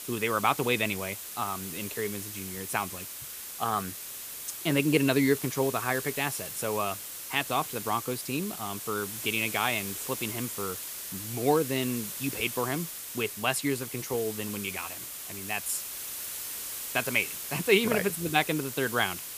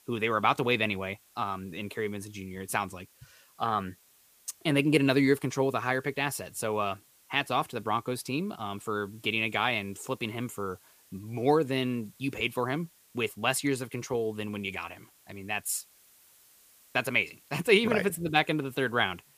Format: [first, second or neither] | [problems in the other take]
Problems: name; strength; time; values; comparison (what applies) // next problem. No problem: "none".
second | hiss; loud; throughout; 6 dB below the speech; faint in the second